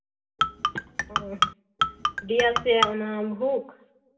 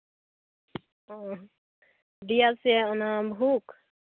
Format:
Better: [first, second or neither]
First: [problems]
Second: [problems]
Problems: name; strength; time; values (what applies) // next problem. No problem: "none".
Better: second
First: background sound (Marimba, xylophone); 2 dB above the speech // room echo; dies away in 0.7 s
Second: none